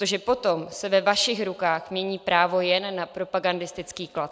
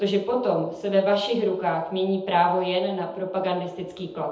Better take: first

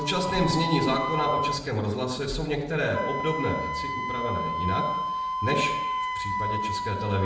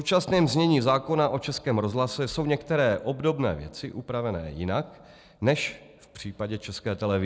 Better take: second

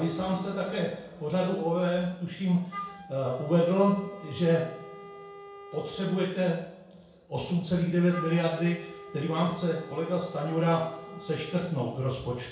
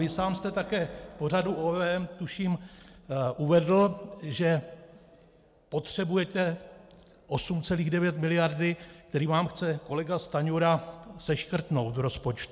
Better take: second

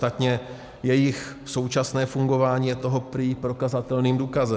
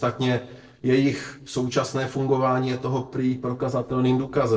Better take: first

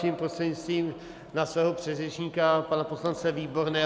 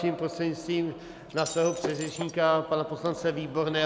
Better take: first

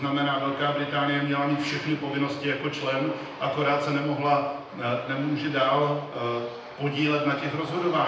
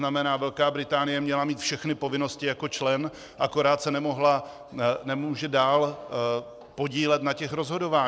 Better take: second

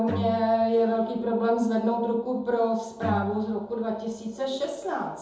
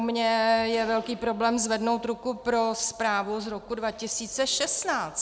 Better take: second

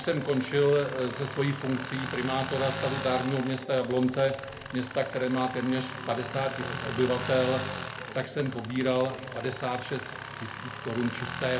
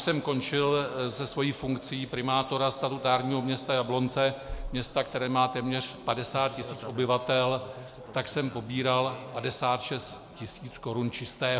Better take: second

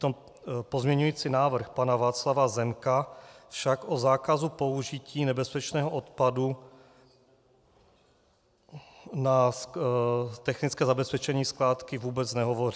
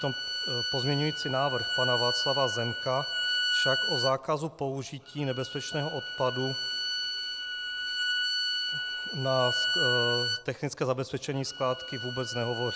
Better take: first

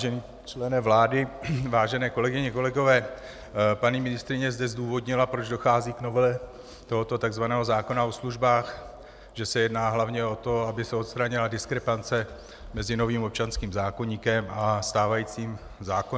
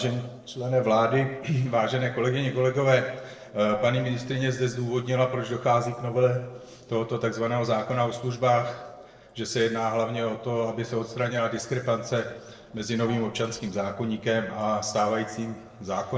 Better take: first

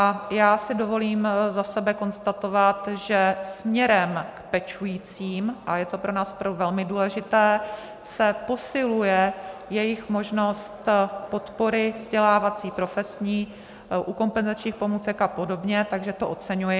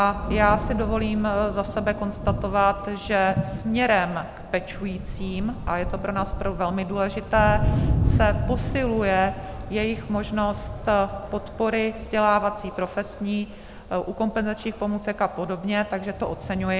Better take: first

